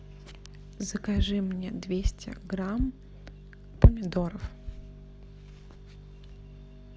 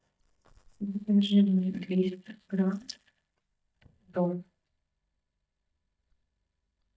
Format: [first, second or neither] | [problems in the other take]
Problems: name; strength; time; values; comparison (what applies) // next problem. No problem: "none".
first | noise reduction (neural mask model DeepFilterNet 3)